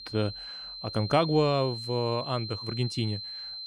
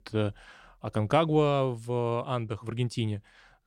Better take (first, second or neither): second